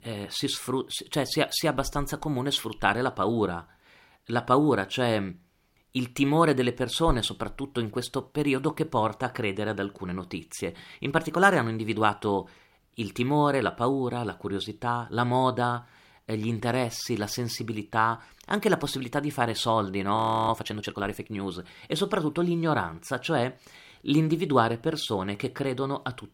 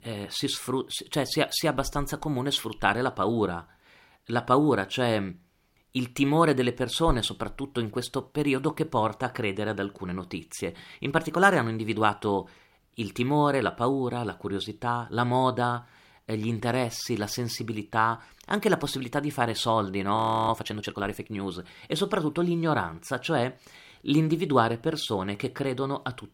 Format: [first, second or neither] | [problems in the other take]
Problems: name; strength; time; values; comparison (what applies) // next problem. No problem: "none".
neither | audio freezing; at 20 s; the same in both